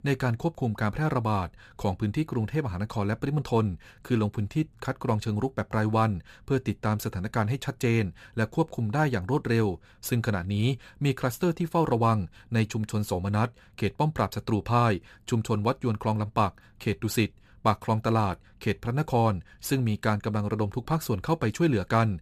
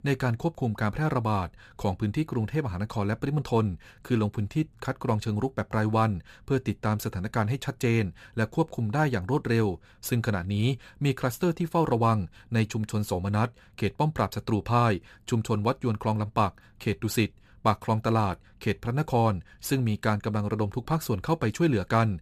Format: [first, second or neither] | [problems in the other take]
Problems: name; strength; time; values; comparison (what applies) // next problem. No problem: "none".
neither | none